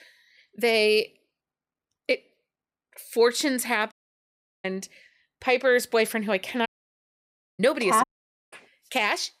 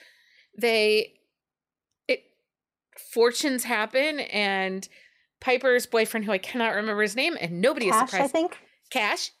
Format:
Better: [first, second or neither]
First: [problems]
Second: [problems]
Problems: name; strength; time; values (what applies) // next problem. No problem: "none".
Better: second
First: audio cutting out; at 4 s for 0.5 s, at 6.5 s for 1 s and at 8 s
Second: none